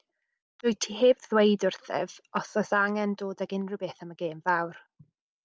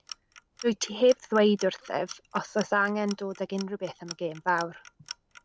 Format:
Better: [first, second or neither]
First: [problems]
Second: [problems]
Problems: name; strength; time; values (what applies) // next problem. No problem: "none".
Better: first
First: none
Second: background sound (Clock); 19 dB below the speech